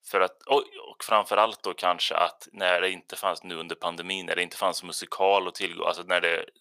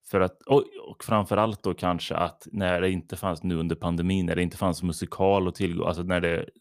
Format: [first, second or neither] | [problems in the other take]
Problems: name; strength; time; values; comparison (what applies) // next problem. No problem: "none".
second | thin; very; fading below 700 Hz